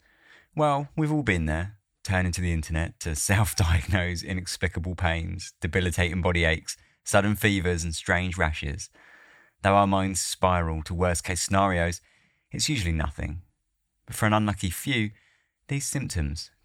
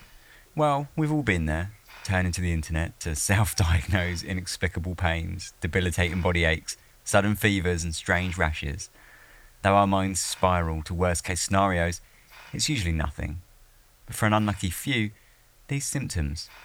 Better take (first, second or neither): first